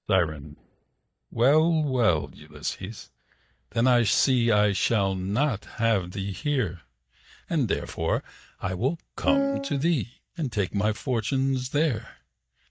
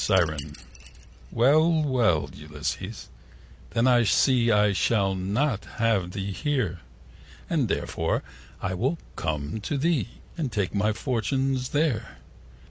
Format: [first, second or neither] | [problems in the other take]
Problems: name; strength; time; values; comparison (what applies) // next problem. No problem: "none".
second | noise reduction (neural mask model DeepFilterNet 3)